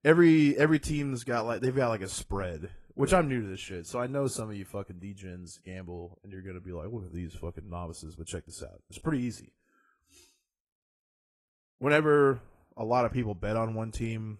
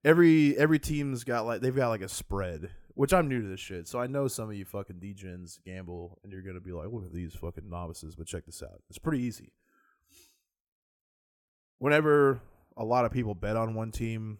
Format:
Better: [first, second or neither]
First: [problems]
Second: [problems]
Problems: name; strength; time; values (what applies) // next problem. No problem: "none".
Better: second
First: garbled, watery; slightly; nothing above 11.5 kHz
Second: none